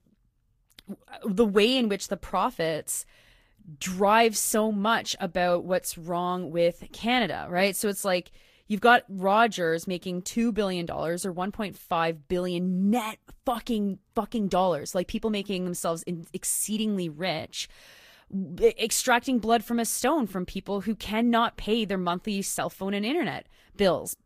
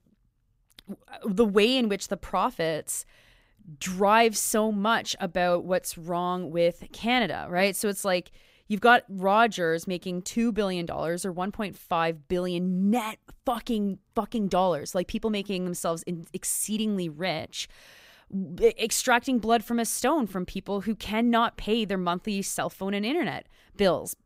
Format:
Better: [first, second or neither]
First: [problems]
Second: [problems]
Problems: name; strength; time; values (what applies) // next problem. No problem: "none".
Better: second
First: garbled, watery; slightly; nothing above 15.5 kHz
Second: none